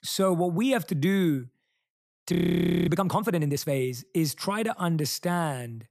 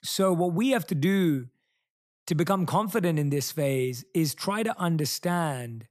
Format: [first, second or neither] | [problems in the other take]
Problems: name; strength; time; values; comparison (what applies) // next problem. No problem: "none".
second | audio freezing; at 2.5 s for 0.5 s